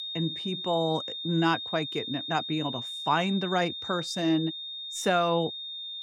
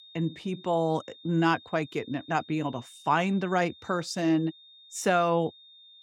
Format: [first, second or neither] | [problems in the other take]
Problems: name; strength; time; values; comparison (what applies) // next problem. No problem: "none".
second | high-pitched whine; loud; throughout; 3.5 kHz, 5 dB below the speech; faint in the second